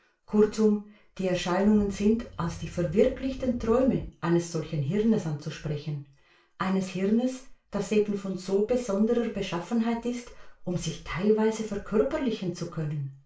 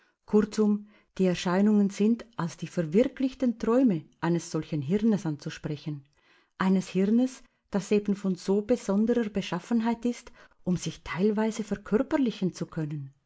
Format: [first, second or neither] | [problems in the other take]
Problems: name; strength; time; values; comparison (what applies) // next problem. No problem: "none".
second | background sound (Wind); 14 dB below the speech // room echo; dies away in 0.3 s